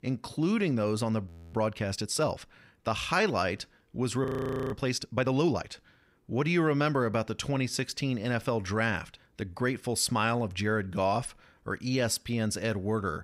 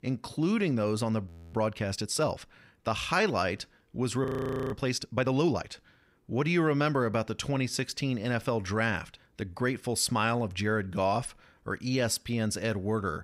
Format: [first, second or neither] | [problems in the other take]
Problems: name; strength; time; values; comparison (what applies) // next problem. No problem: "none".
neither | audio freezing; at 1.5 s and at 4.5 s; the same in both